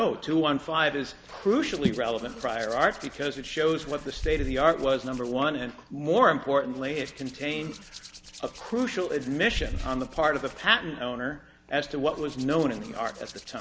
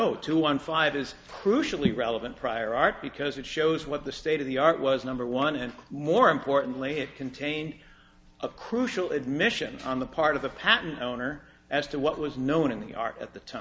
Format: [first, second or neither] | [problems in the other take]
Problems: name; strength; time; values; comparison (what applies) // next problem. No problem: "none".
second | background sound (Hands); 14 dB below the speech